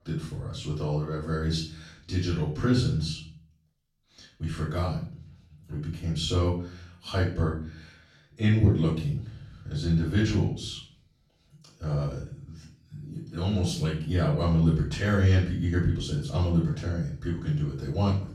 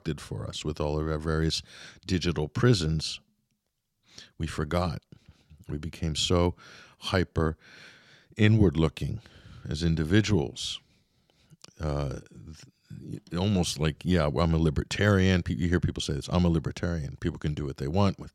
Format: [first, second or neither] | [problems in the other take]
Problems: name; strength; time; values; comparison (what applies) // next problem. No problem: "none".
second | room echo; noticeable; dies away in 0.5 s // off-mic speech; far